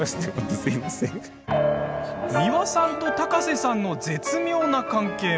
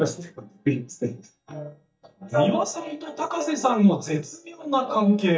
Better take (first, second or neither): first